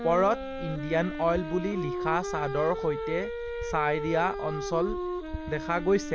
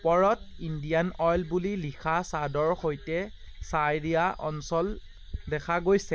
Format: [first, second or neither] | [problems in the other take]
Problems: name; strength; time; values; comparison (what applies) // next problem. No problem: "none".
second | background sound (Wind instrument, woodwind instrument); 6 dB below the speech